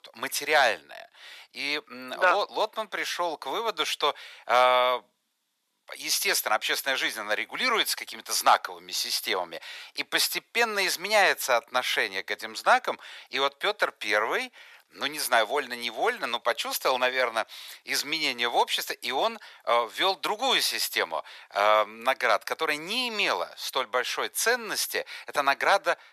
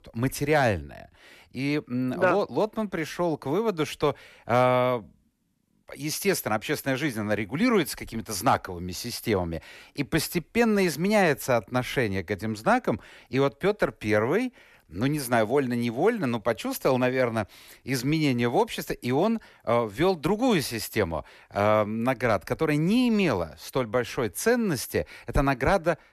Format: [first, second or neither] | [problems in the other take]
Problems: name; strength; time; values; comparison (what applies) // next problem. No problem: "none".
second | thin; very; fading below 850 Hz